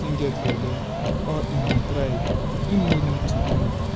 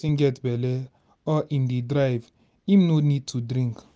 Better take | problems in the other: second | background sound (Motor vehicle (road)); 3 dB above the speech

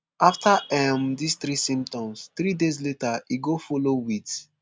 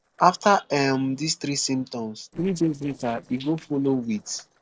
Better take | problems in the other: first | noise reduction (neural separator model SepFormer DNS4)

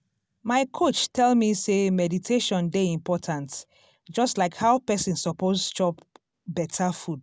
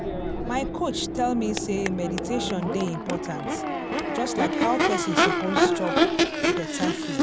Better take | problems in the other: first | background sound (Crowd / Race car, auto racing / Accelerating, revving, vroom); 4 dB above the speech

